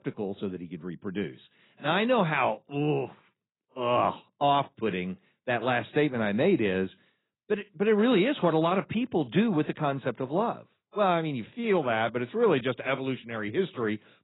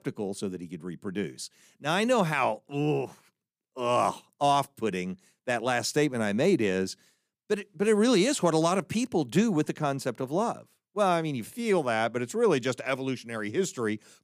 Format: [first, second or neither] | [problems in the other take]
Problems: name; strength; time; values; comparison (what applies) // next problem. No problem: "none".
second | garbled, watery; badly; nothing above 4 kHz